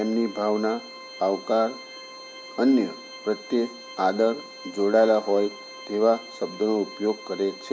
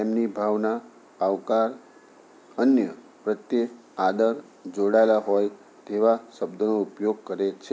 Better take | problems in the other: second | background sound (Organ); 17 dB below the speech

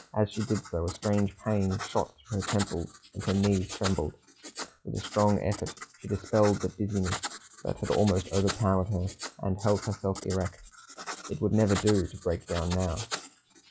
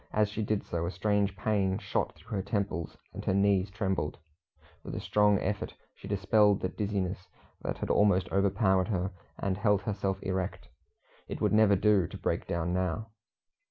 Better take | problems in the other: second | noise reduction (classical method log-MMSE)

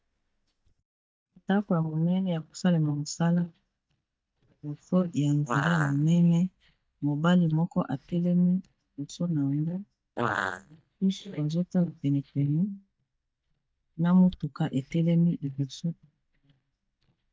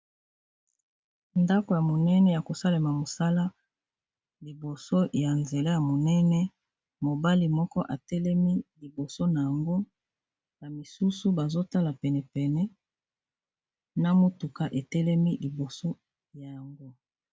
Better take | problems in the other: second | noise reduction (neural mask model DeepFilterNet 3)

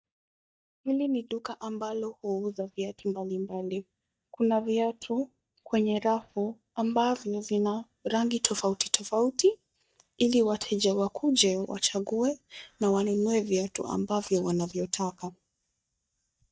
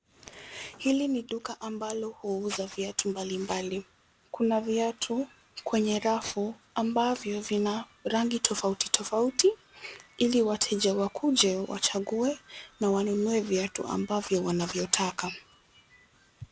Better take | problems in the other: second | noise reduction (neural mask model DeepFilterNet 3)

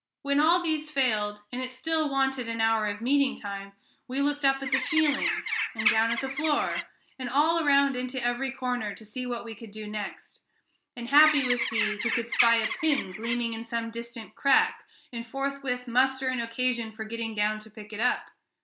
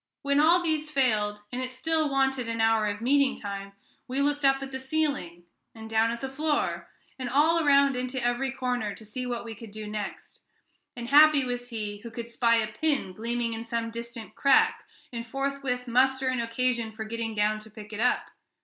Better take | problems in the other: second | background sound (Bird); 2 dB below the speech

